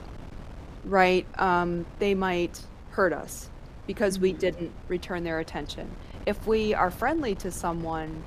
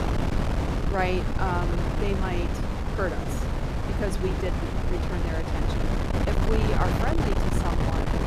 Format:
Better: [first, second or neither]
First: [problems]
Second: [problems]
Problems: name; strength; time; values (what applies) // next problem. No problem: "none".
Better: first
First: wind noise on the microphone; occasional gusts; 20 dB below the speech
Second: wind noise on the microphone; heavy; as loud as the speech